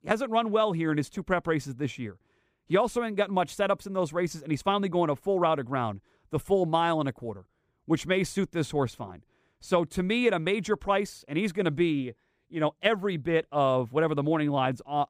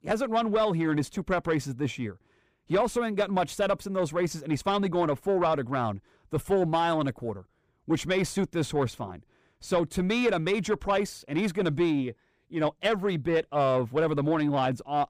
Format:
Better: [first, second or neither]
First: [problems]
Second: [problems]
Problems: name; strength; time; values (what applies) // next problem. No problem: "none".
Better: first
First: none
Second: distortion; slight; 10 dB below the speech